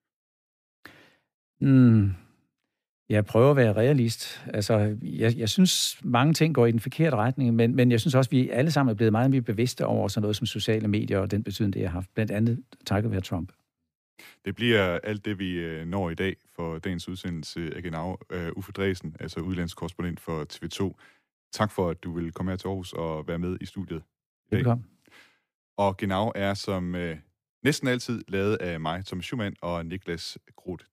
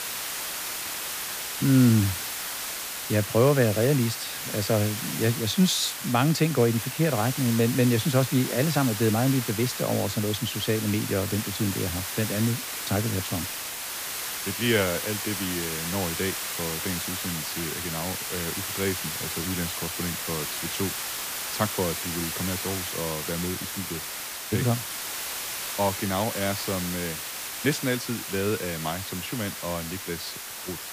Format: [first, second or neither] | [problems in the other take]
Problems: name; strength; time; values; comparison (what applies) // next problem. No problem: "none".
first | hiss; loud; throughout; 3 dB below the speech